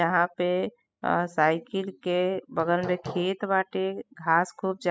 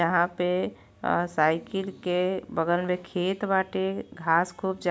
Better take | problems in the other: second | noise reduction (classical method spectral subtraction)

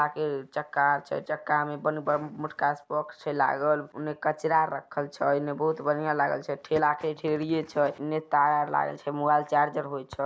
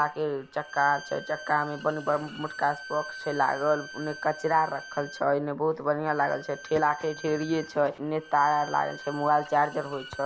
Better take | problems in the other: first | background sound (Bowed string instrument); 16 dB below the speech

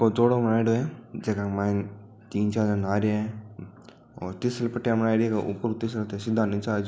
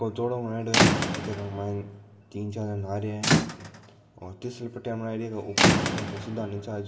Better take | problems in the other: first | background sound (Squeak / Rattle / Slam); 5 dB above the speech // room echo; dies away in 1.8 s

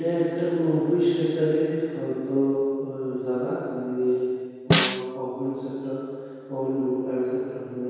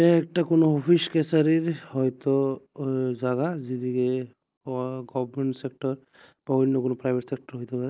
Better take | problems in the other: second | background sound (Snare drum); as loud as the speech // room echo; dies away in 2.2 s

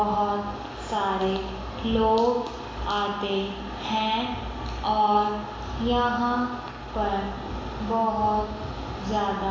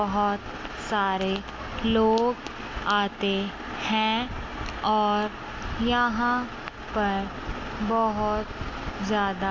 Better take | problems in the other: second | room echo; dies away in 1 s

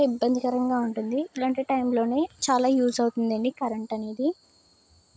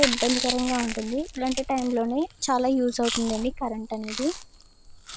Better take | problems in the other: first | background sound (Chewing, mastication); 7 dB below the speech

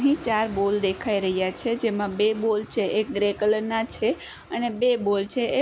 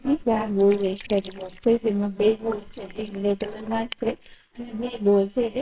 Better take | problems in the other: first | noise reduction (neural separator model SepFormer WHAMR!)

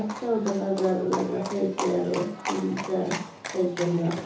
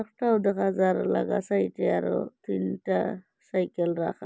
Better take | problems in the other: second | background sound (Livestock, farm animals, working animals); 10 dB below the speech // room echo; dies away in 0.7 s

